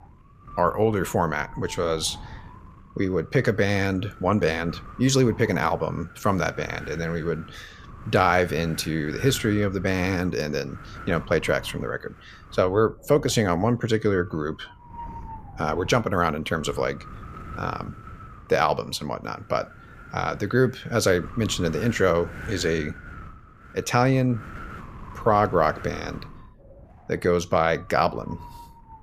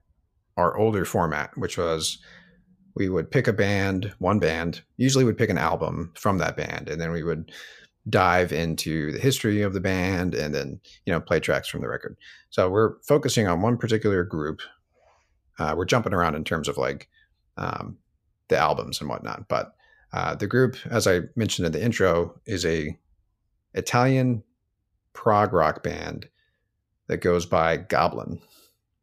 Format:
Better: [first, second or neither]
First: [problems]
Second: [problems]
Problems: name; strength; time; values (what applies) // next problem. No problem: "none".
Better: second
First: wind noise on the microphone; occasional gusts; 20 dB below the speech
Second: none